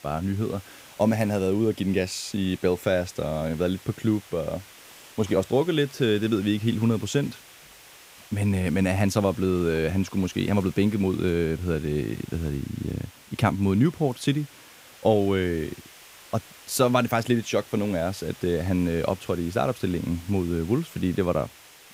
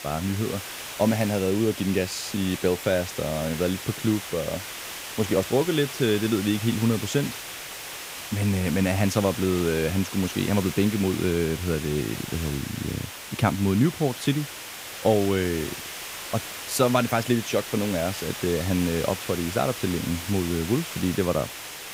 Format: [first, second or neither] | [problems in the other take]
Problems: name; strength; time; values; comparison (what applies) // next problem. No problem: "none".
first | hiss; loud; throughout; 8 dB below the speech; faint in the first